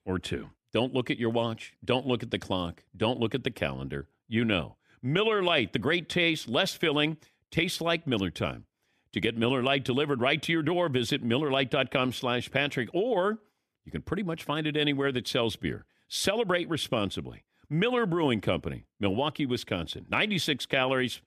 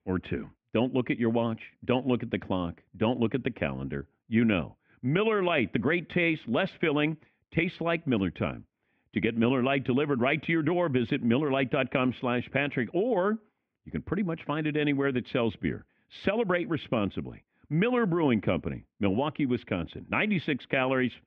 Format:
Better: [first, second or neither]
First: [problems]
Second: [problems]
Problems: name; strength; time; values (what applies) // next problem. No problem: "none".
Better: first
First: none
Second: muffled; very; fading above 2.5 kHz